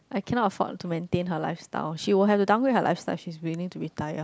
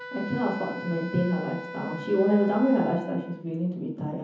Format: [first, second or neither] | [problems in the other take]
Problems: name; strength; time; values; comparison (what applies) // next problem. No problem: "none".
first | background sound (Wind instrument, woodwind instrument); 13 dB below the speech // room echo; dies away in 0.7 s